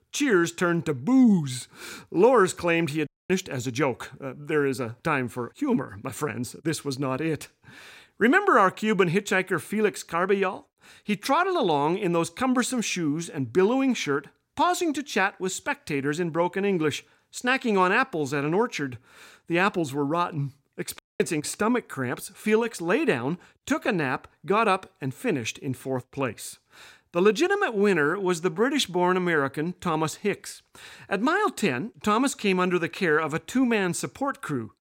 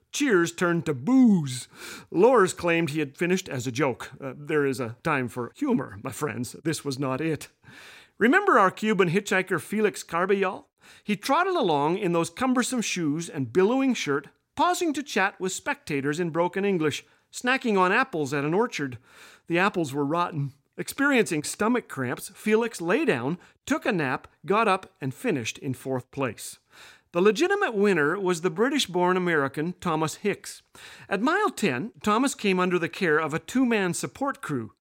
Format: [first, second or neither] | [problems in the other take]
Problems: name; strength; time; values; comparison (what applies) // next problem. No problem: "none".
second | audio cutting out; at 3 s and at 21 s